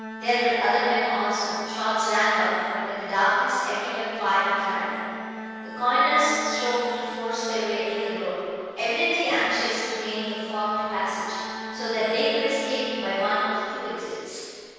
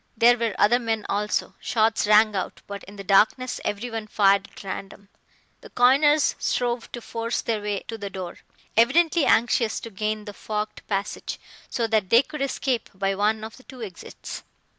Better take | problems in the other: second | background sound (Bowed string instrument); 12 dB below the speech // room echo; dies away in 2.2 s

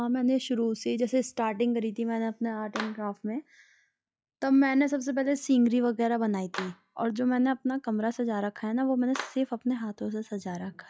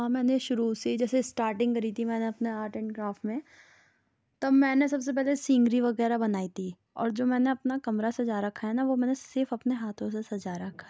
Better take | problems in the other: second | noise reduction (classical method log-MMSE)

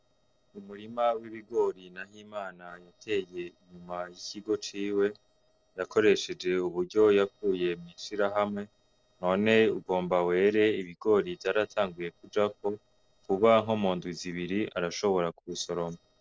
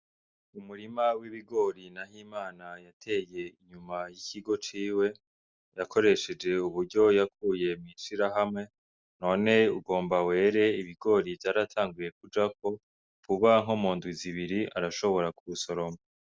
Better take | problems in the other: second | noise reduction (neural separator model SepFormer DNS4)

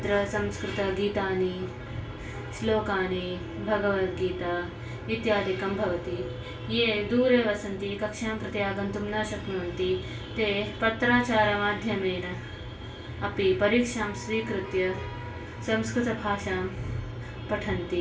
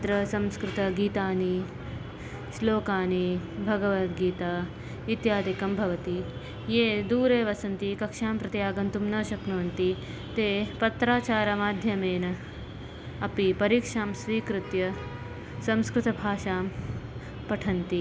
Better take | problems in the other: second | room echo; dies away in 0.3 s

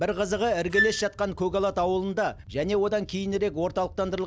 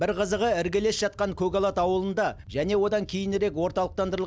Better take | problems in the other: second | background sound (Wind instrument, woodwind instrument); 5 dB below the speech

